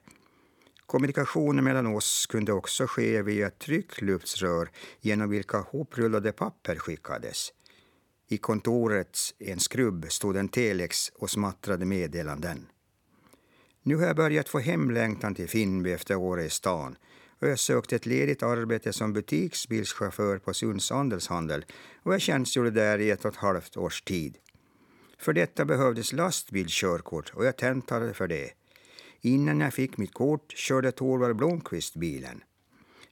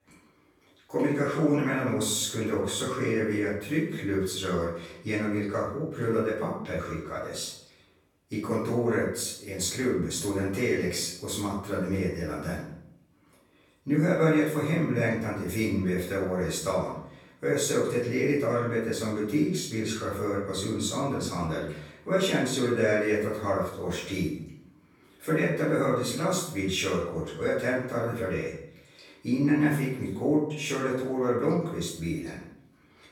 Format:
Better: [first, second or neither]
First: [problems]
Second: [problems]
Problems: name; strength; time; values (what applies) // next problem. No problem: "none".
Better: first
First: none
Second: off-mic speech; far // room echo; noticeable; dies away in 0.6 s